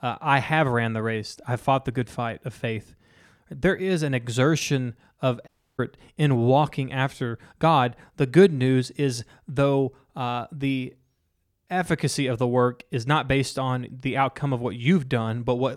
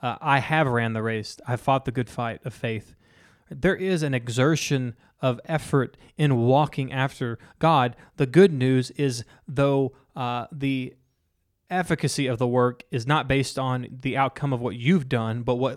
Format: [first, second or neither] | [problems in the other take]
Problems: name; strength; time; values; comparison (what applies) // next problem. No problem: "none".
second | audio cutting out; at 5.5 s